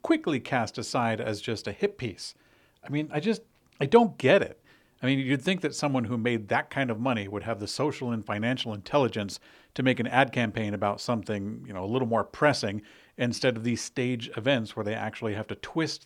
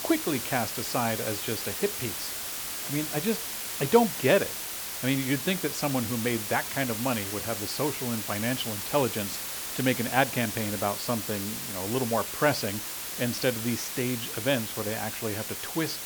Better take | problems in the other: first | hiss; loud; throughout; 3 dB below the speech

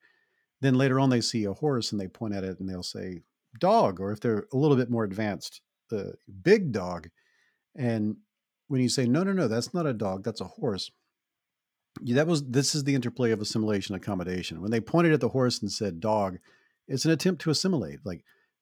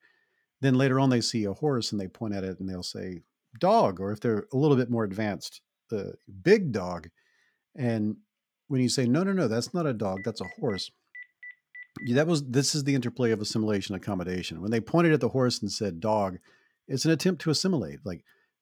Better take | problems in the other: first | phone ringing; faint; from 10 to 12 s; peak 15 dB below the speech

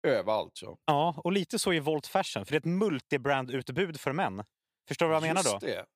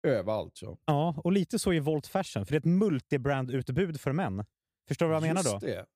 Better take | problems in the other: second | thin; very slightly; fading below 700 Hz

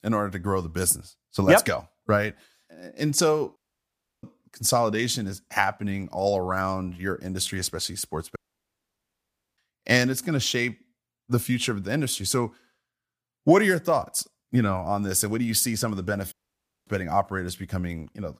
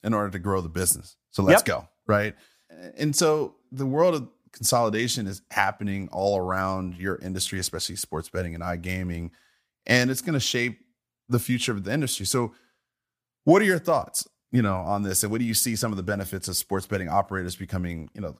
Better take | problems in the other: second | audio cutting out; at 3.5 s for 0.5 s, at 8.5 s for 1 s and at 16 s for 0.5 s

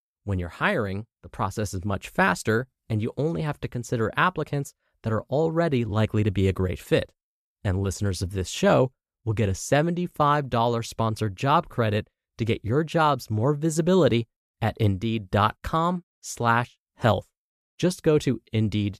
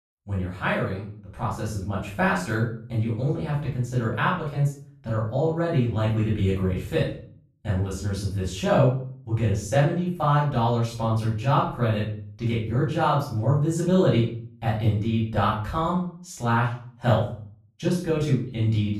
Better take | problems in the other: first | off-mic speech; far // room echo; noticeable; dies away in 0.4 s

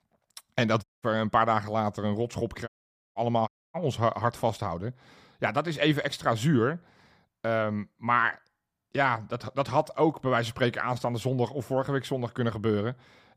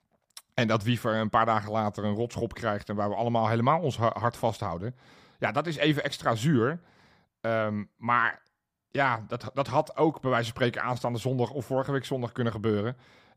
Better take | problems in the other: second | audio cutting out; at 1 s, at 2.5 s and at 3.5 s

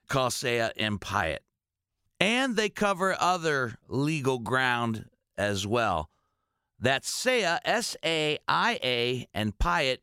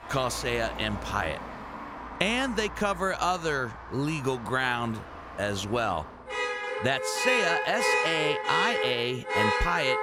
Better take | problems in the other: first | traffic noise; loud; throughout; 2 dB below the speech

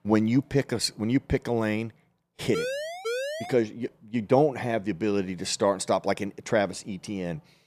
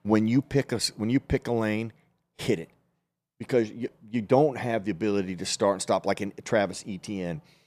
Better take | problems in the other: second | siren; noticeable; from 2.5 to 3.5 s; peak 4 dB below the speech

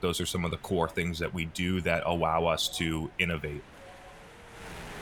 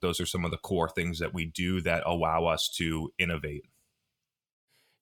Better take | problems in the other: second | wind noise on the microphone; occasional gusts; 20 dB below the speech

